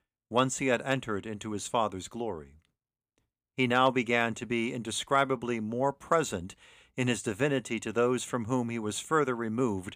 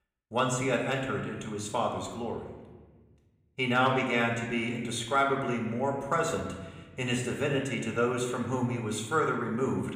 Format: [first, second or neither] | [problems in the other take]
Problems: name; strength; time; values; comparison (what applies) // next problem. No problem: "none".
first | room echo; slight; dies away in 1.2 s